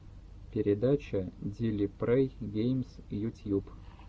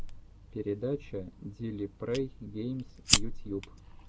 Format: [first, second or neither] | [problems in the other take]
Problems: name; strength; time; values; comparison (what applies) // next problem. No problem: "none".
first | background sound (Fire); 1 dB above the speech